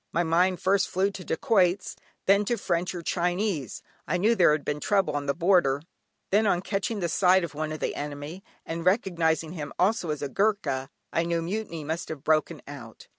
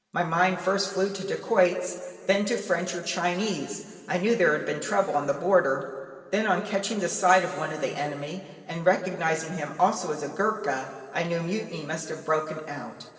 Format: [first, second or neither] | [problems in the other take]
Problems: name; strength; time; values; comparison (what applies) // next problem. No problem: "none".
first | room echo; dies away in 2.3 s